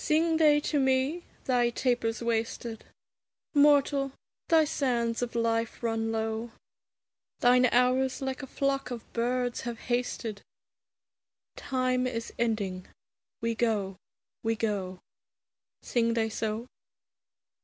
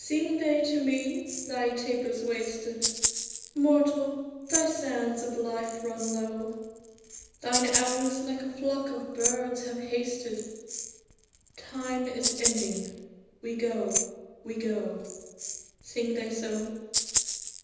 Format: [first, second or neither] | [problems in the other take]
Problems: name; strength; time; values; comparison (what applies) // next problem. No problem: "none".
first | background sound (Rattle (instrument)); 4 dB below the speech // room echo; dies away in 1.1 s